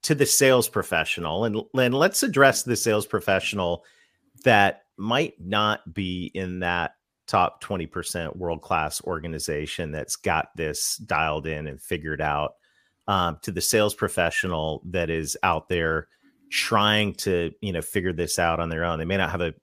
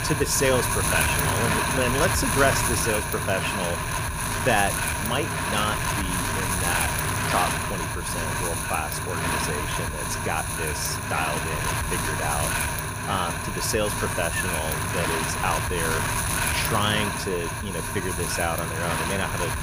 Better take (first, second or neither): first